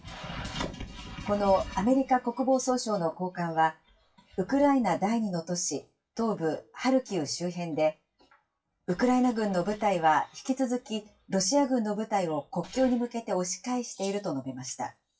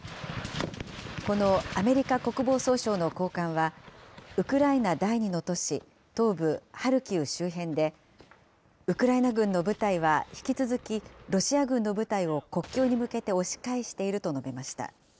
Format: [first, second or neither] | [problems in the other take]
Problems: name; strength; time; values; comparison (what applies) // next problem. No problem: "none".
second | noise reduction (classical method WPE with log-MMSE)